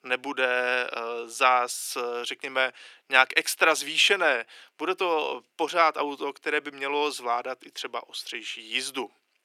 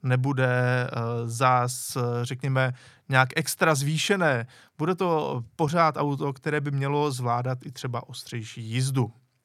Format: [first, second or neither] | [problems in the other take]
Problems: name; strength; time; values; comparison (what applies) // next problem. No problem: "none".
second | thin; very; fading below 300 Hz